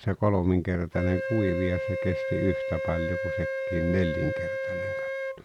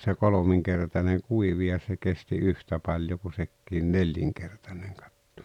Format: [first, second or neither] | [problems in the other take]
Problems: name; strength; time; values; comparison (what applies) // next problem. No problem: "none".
second | background sound (Wind instrument, woodwind instrument); 3 dB below the speech